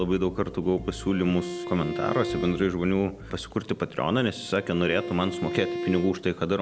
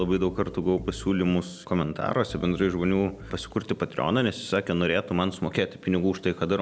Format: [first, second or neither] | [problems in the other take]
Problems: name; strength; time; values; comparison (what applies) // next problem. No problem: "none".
second | background sound (Bowed string instrument); 9 dB below the speech